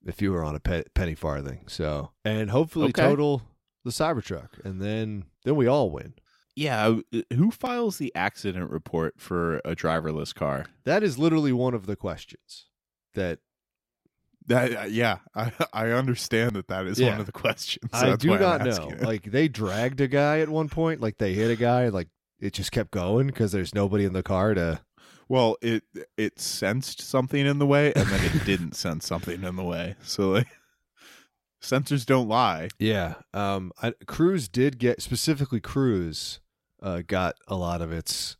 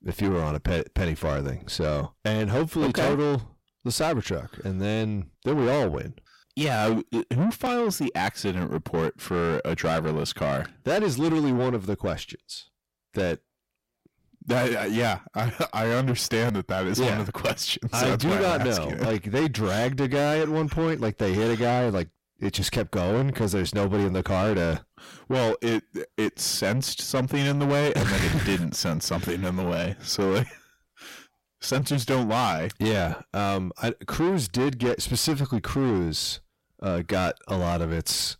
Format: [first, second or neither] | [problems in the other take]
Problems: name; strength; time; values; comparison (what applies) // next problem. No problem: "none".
first | distortion; heavy; 7 dB below the speech